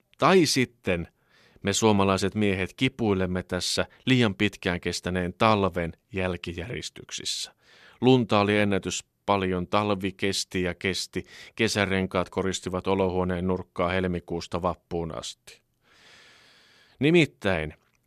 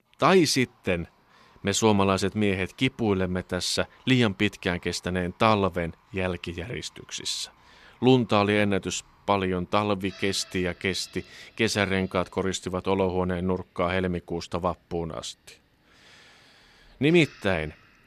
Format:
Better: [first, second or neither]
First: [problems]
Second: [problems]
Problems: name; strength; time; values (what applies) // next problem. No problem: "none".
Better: first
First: none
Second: animal sounds; faint; throughout; 30 dB below the speech